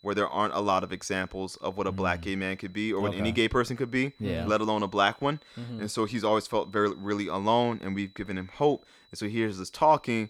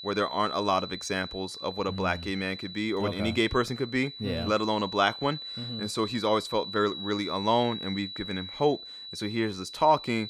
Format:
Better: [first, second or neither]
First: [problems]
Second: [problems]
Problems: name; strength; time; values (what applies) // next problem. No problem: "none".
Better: first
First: high-pitched whine; faint; throughout; 4 kHz, 30 dB below the speech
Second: high-pitched whine; loud; throughout; 4 kHz, 9 dB below the speech